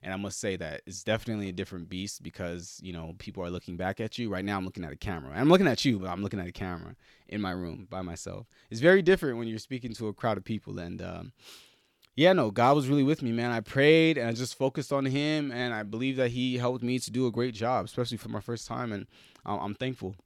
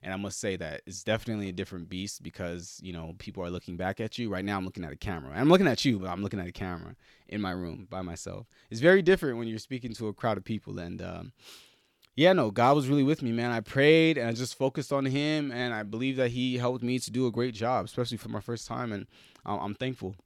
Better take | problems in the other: neither | none

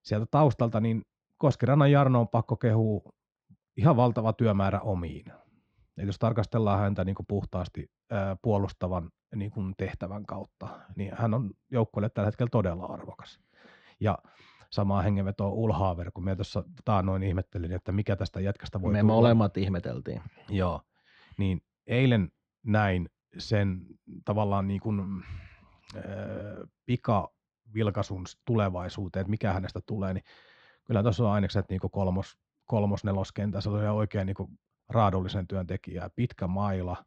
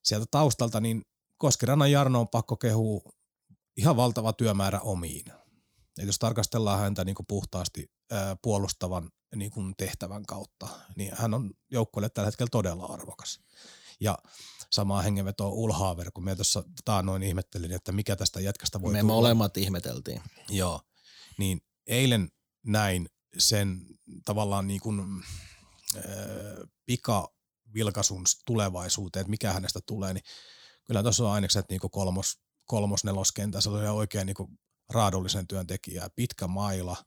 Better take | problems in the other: second | muffled; very; fading above 2.5 kHz

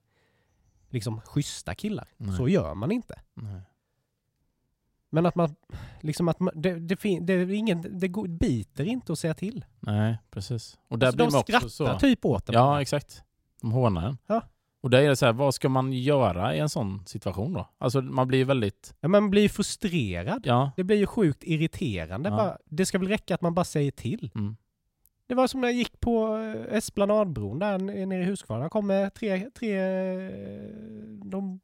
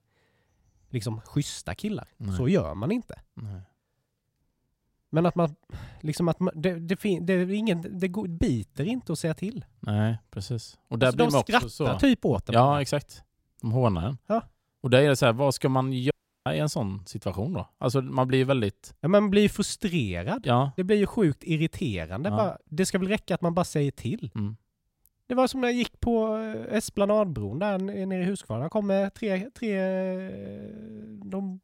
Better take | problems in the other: first | audio cutting out; at 16 s

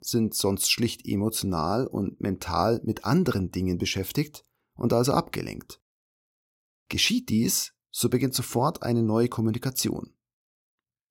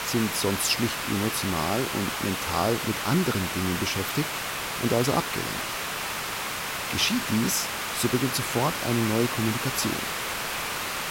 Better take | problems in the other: first | hiss; loud; throughout; 2 dB below the speech

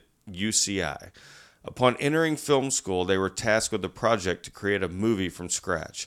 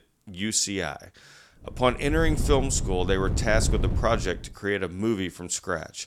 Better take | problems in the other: first | wind noise on the microphone; occasional gusts; from 1.5 to 4.5 s; 15 dB below the speech

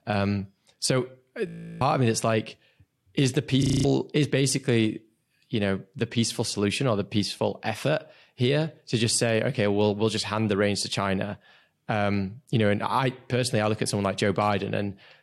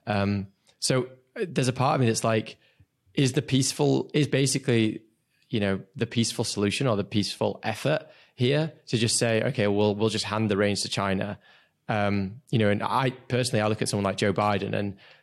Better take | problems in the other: second | audio freezing; at 1.5 s and at 3.5 s

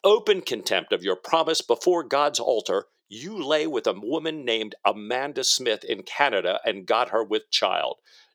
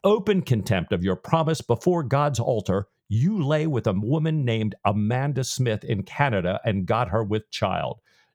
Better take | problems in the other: second | thin; very; fading below 350 Hz

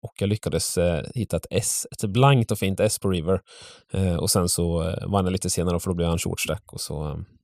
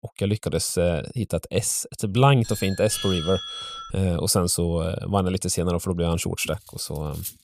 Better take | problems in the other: first | doorbell; noticeable; from 2.5 to 4 s; peak 5 dB below the speech // clattering dishes; faint; at 6.5 s; peak 10 dB below the speech

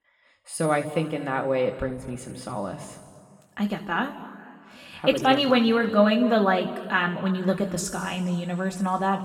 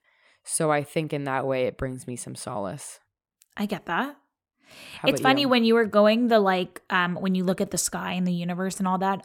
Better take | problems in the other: second | room echo; slight; dies away in 1.9 s // off-mic speech; far

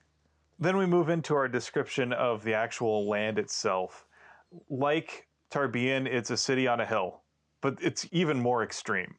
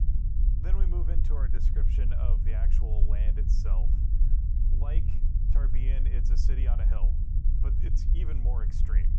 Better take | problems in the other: first | low rumble; loud; throughout; 1 dB below the speech

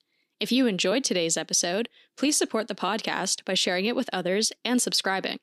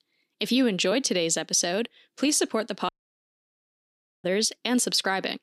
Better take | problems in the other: first | audio cutting out; at 3 s for 1.5 s

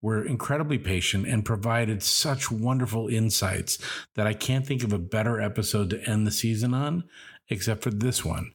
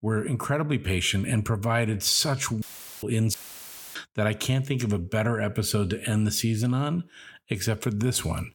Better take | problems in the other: first | audio cutting out; filled with static; at 2.5 s and at 3.5 s for 0.5 s

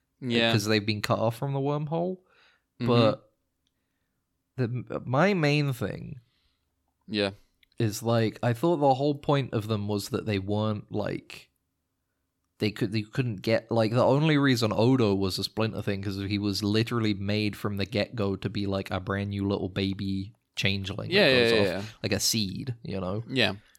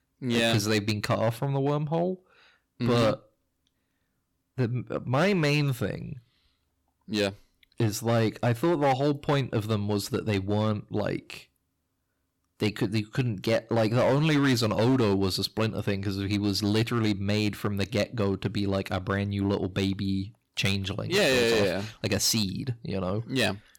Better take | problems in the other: first | distortion; slight; 6% of the sound clipped

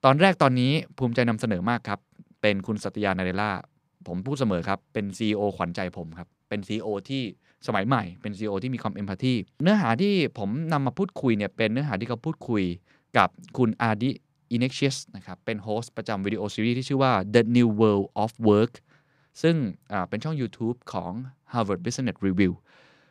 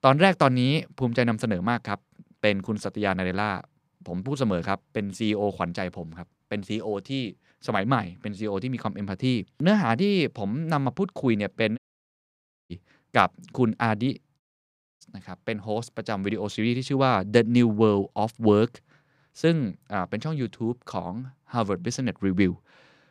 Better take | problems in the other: first | audio cutting out; at 12 s for 1 s and at 14 s for 0.5 s

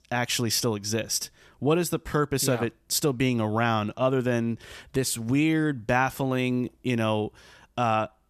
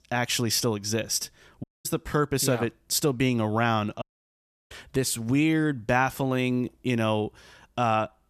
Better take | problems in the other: first | audio cutting out; at 1.5 s and at 4 s for 0.5 s

